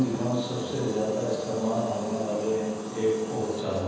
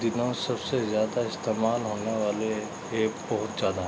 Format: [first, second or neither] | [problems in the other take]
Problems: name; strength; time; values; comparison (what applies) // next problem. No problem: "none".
second | background sound (Tools); 20 dB below the speech // room echo; dies away in 1.2 s